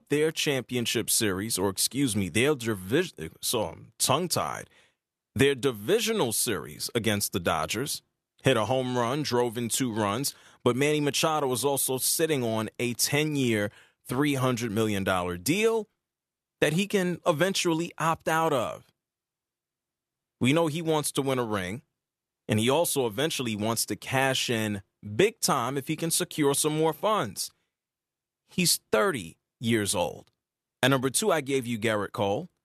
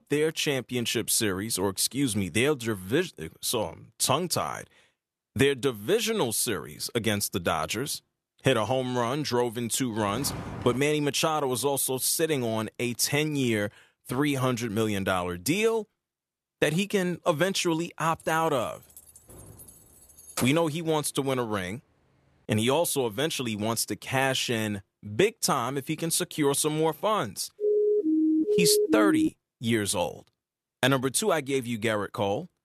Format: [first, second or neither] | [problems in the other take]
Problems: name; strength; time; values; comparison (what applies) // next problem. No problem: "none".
first | footsteps; noticeable; at 10 s; peak 10 dB below the speech // jangling keys; noticeable; from 18 to 21 s; peak 7 dB below the speech // siren; loud; from 28 to 29 s; peak 3 dB above the speech